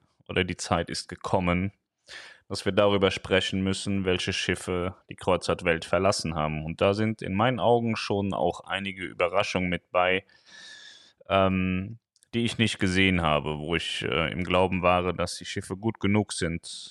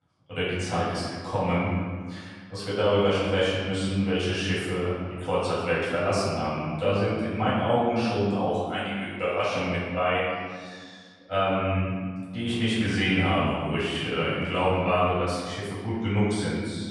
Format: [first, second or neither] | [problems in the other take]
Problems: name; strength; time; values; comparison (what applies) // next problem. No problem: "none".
first | room echo; strong; dies away in 1.6 s // off-mic speech; far